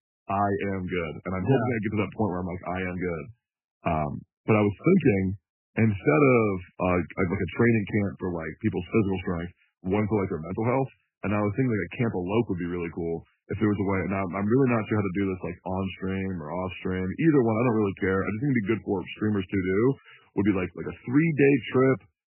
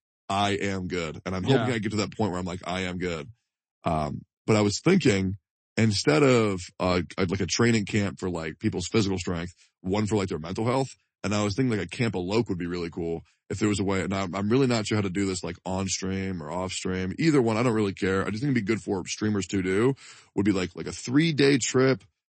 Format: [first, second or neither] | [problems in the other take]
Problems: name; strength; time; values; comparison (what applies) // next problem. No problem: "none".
second | garbled, watery; badly; nothing above 2.5 kHz; slightly in the second